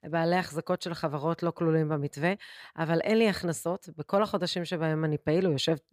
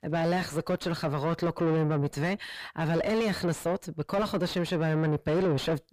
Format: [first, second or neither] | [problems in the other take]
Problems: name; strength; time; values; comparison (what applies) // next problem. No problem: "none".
first | distortion; heavy; 6 dB below the speech